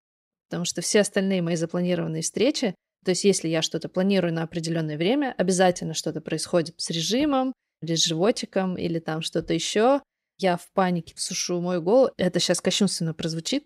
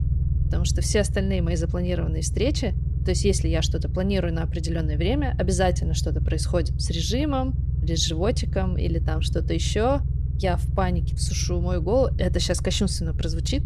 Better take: first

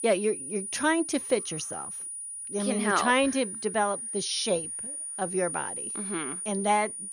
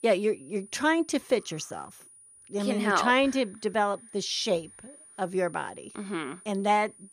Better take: second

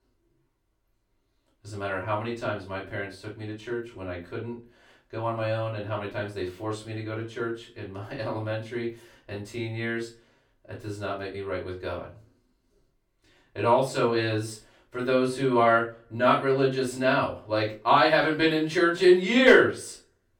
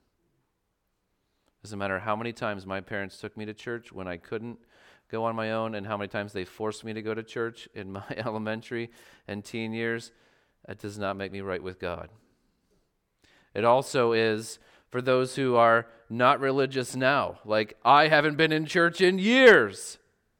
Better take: second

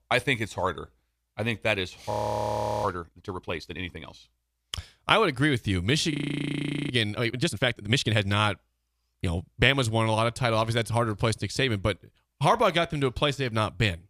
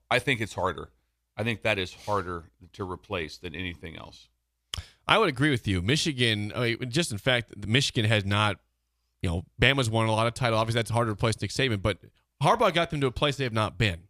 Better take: second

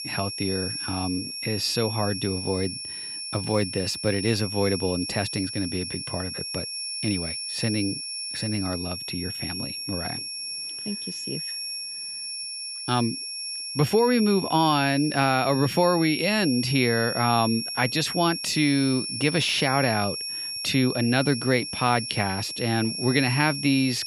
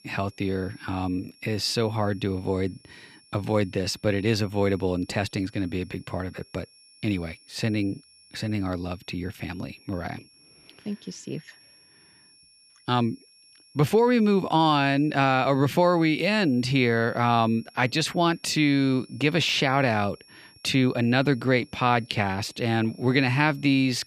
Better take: second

